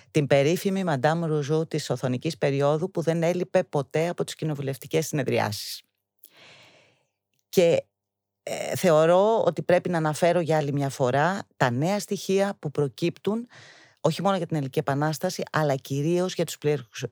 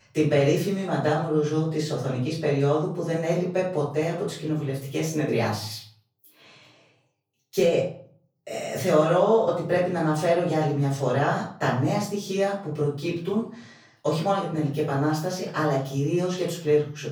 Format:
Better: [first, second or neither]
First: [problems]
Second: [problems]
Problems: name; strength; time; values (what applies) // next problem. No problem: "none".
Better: first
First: none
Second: room echo; noticeable; dies away in 0.4 s // off-mic speech; far